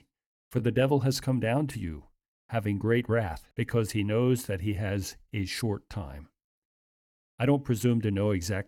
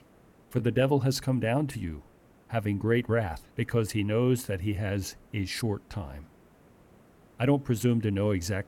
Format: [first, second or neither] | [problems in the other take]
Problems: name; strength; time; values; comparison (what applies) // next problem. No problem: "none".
first | hiss; faint; throughout; 30 dB below the speech